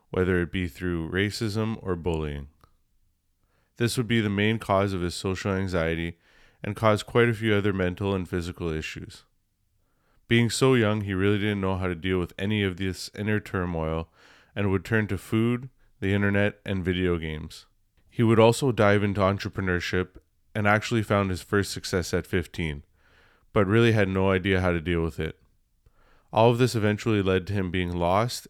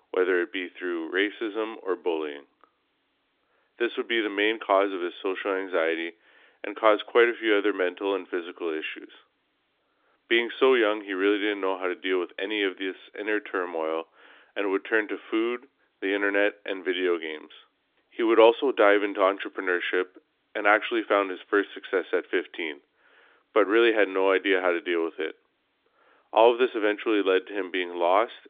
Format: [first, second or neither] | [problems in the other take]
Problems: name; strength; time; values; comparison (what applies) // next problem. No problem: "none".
first | phone-call audio; nothing above 3.5 kHz